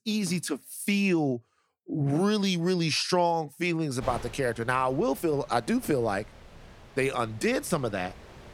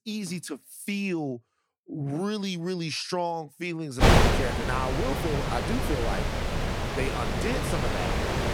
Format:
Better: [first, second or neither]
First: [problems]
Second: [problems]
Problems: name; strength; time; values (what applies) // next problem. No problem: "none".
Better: first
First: wind noise on the microphone; occasional gusts; from 4 s on; 20 dB below the speech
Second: wind noise on the microphone; heavy; from 4 s on; 4 dB above the speech